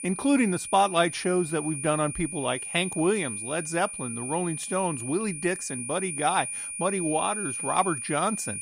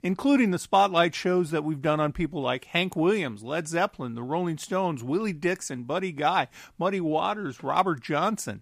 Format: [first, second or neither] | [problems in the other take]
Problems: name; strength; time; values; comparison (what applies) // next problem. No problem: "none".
second | high-pitched whine; loud; throughout; 9.5 kHz, 5 dB below the speech